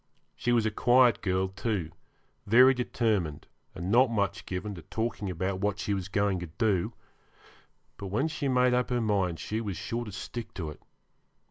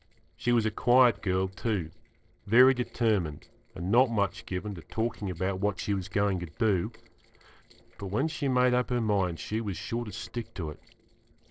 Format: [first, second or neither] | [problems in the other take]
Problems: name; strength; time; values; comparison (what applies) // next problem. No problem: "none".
first | noise reduction (neural separator model SepFormer DNS4)